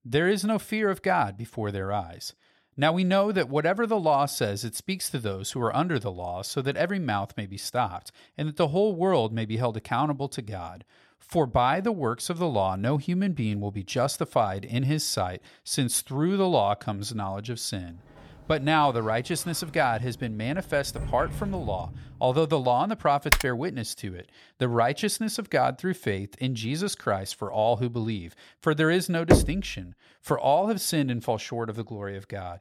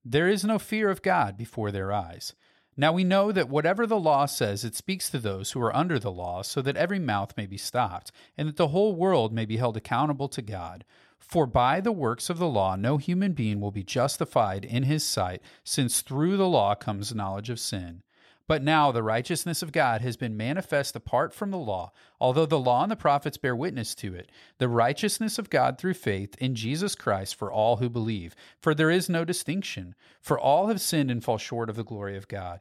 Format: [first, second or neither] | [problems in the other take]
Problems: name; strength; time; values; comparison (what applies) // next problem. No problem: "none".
second | door banging; noticeable; from 18 to 22 s; peak 8 dB below the speech // keyboard typing; loud; at 23 s; peak 3 dB above the speech // door banging; loud; at 29 s; peak 5 dB above the speech